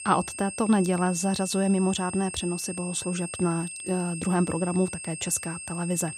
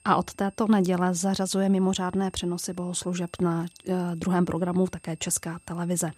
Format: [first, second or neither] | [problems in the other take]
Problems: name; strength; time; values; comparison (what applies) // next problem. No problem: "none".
second | high-pitched whine; loud; throughout; 8.5 kHz, 8 dB below the speech; faint in the second